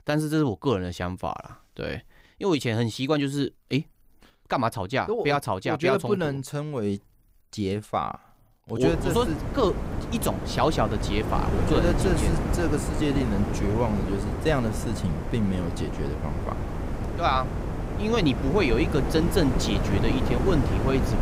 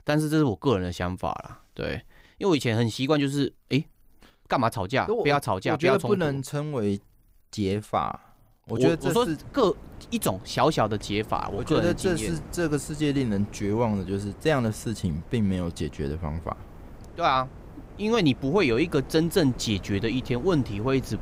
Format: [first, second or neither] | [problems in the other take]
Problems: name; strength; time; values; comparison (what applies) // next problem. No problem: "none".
second | wind noise on the microphone; heavy; from 9 s on; 6 dB below the speech; occasional gusts in the second